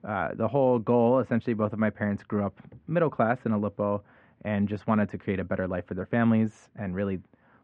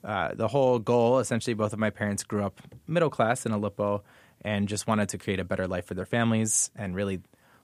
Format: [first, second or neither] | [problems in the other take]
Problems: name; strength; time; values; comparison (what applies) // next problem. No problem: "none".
second | muffled; very; fading above 2 kHz